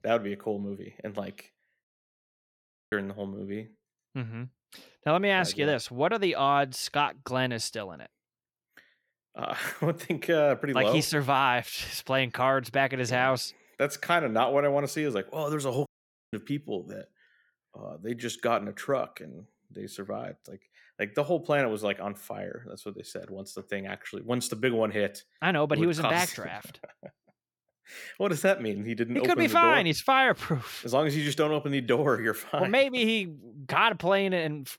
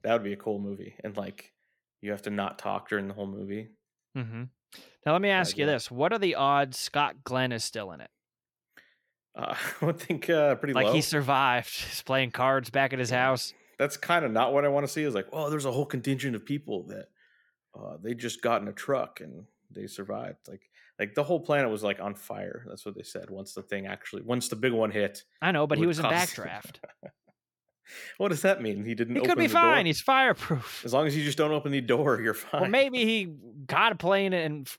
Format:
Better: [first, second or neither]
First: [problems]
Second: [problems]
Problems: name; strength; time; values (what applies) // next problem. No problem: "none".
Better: second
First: audio cutting out; at 2 s for 1 s and at 16 s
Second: none